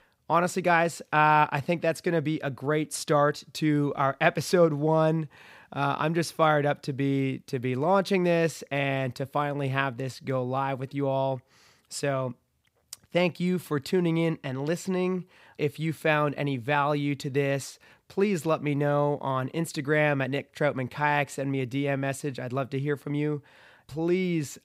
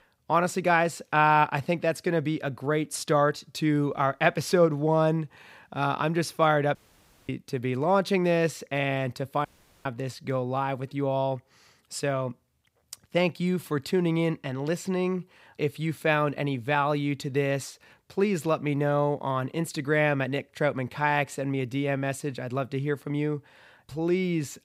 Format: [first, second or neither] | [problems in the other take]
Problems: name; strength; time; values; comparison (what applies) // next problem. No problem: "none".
first | audio cutting out; at 7 s for 0.5 s and at 9.5 s